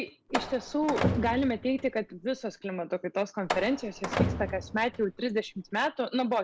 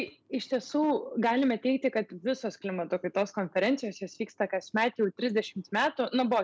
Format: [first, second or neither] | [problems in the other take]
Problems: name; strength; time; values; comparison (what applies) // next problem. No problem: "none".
second | background sound (Slam); 5 dB below the speech